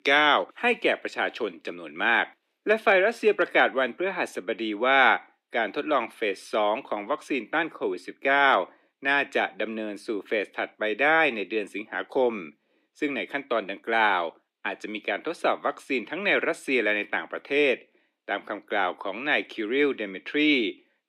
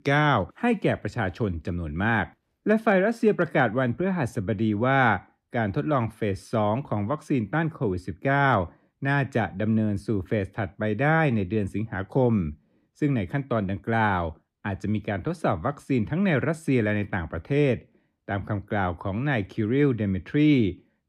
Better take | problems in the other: second | thin; somewhat; fading below 350 Hz

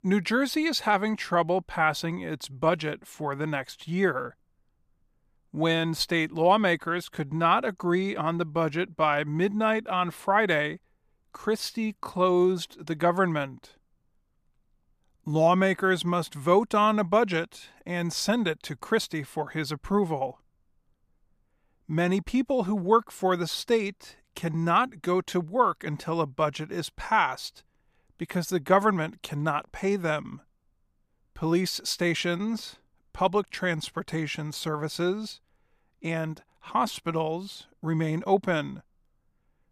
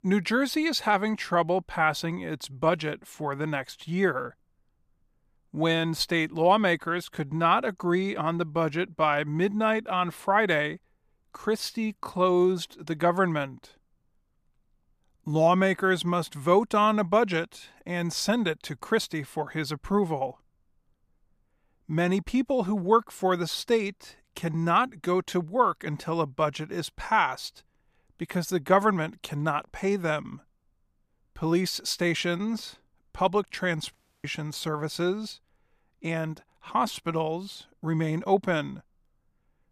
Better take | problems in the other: first | audio cutting out; at 34 s

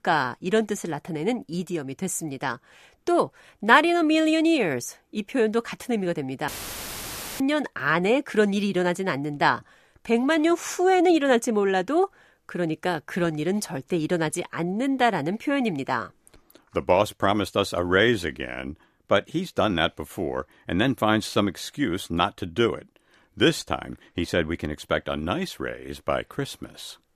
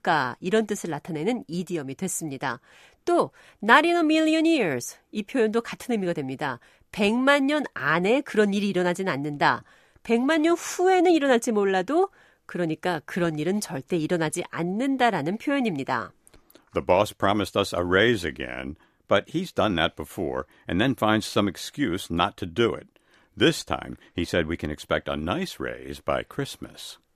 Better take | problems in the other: second | audio cutting out; filled with static; at 6.5 s for 1 s

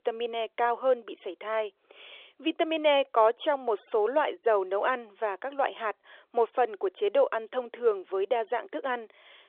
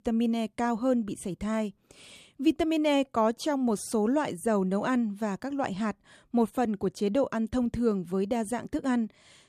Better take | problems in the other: second | phone-call audio; nothing above 3.5 kHz

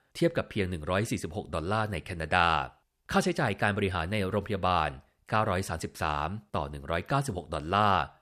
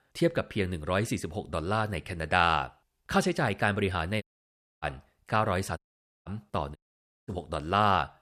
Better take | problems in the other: first | audio cutting out; at 4 s for 0.5 s, at 6 s and at 7 s for 0.5 s

